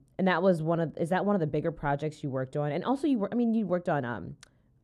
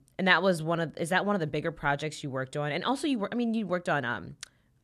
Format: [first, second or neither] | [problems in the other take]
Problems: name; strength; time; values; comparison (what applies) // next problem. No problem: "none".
second | muffled; slightly; fading above 1 kHz